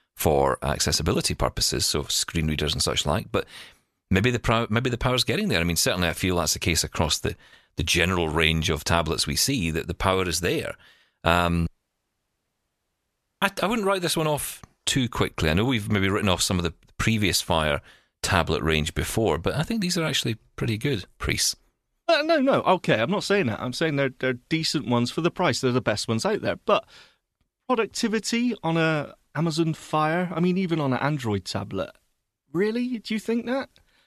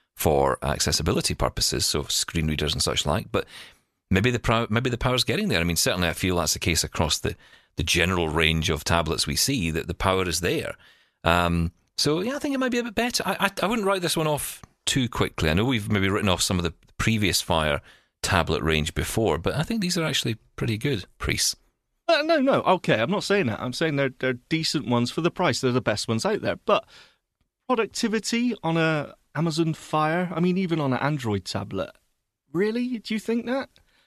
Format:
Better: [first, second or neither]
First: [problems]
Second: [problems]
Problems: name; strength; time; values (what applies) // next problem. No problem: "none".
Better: second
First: audio cutting out; at 12 s for 2 s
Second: none